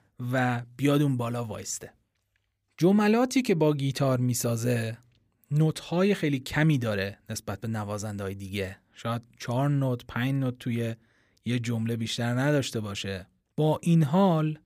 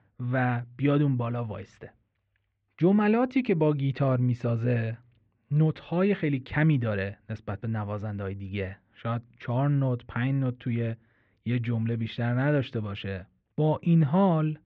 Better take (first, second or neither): first